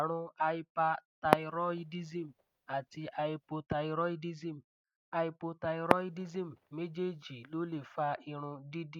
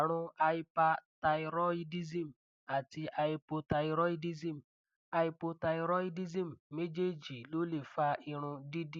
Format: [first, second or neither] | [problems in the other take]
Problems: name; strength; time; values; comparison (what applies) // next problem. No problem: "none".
second | noise reduction (neural mask model RNNoise)